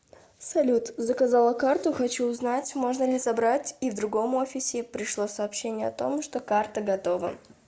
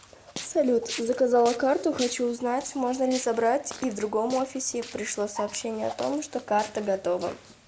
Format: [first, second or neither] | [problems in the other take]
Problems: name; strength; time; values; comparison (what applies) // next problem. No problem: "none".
first | background sound (Walk, footsteps); 15 dB below the speech